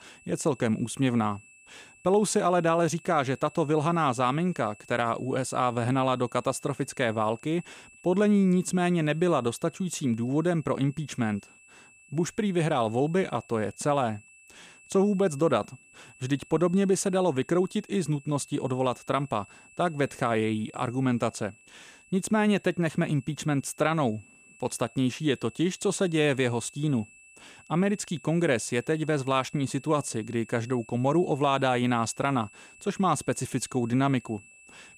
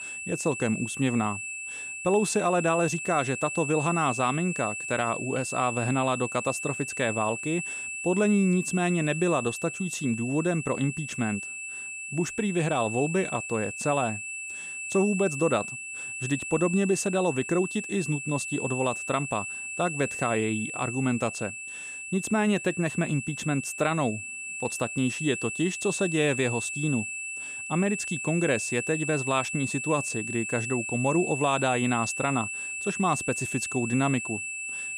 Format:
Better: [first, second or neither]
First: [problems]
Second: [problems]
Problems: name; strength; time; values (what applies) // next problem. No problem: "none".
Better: first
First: high-pitched whine; faint; throughout; 2.5 kHz, 25 dB below the speech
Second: high-pitched whine; loud; throughout; 2.5 kHz, 5 dB below the speech